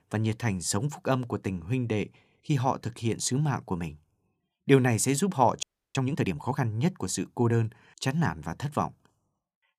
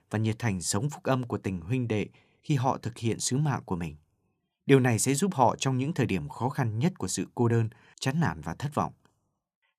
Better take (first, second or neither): second